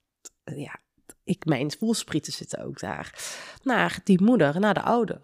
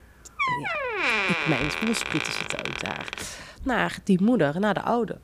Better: first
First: none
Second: door banging; loud; until 3.5 s; peak 4 dB above the speech

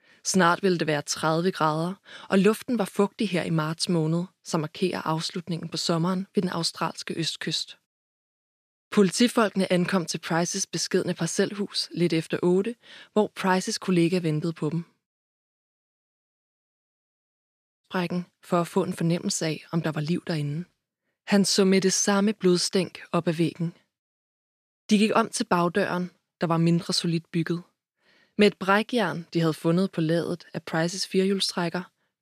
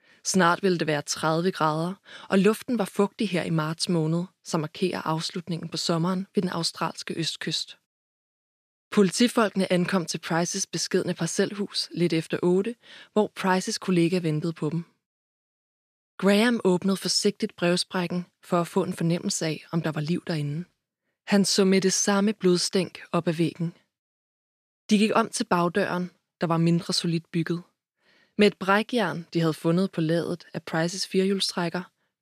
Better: second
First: audio cutting out; at 16 s for 2.5 s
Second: none

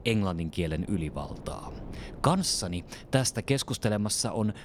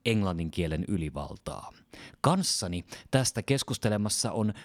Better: second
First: wind noise on the microphone; occasional gusts; 20 dB below the speech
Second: none

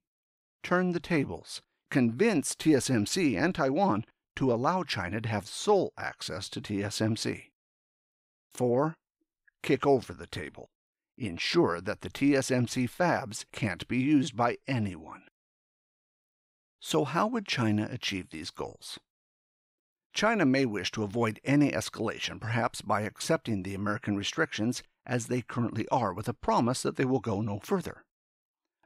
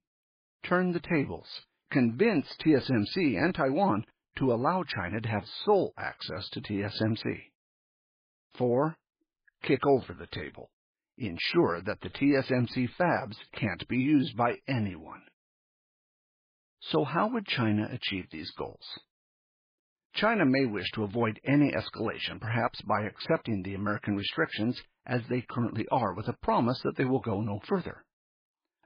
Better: first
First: none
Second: garbled, watery; badly; nothing above 4 kHz

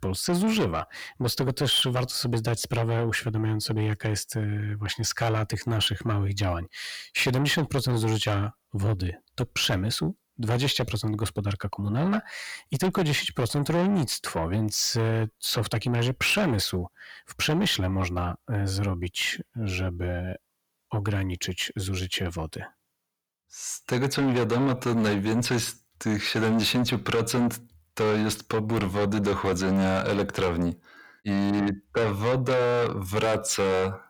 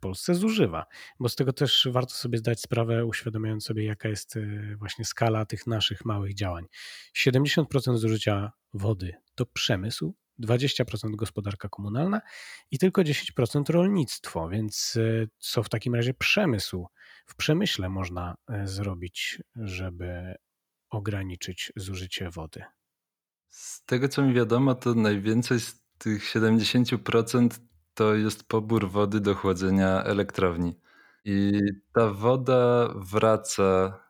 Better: second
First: distortion; heavy; 6 dB below the speech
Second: none

